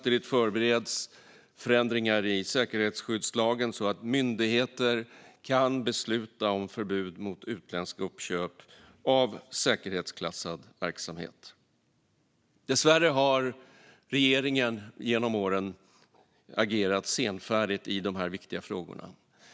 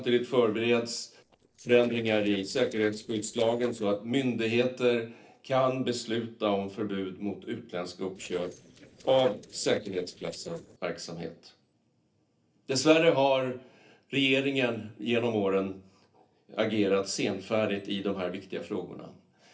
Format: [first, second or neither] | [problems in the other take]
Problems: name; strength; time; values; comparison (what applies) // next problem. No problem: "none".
first | noise reduction (neural separator model SepFormer DNS4)